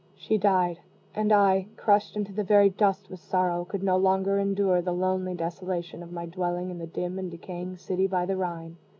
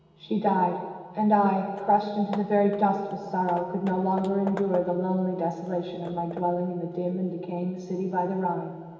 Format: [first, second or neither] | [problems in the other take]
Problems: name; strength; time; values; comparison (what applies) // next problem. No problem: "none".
first | background sound (Hammer / Wood); 19 dB below the speech // room echo; dies away in 1.3 s